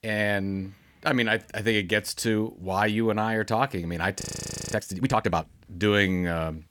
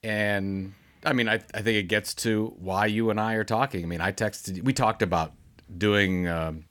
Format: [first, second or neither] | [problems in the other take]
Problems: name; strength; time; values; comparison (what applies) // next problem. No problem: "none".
second | audio freezing; at 4 s for 0.5 s